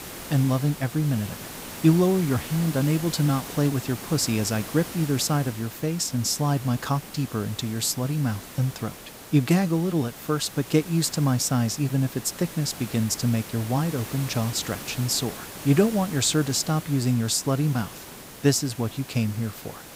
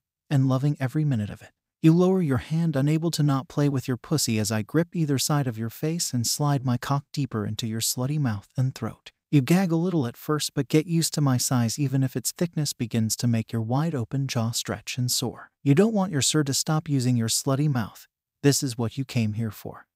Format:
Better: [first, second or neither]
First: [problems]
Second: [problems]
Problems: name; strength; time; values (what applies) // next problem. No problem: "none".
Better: second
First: hiss; noticeable; throughout; 15 dB below the speech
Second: none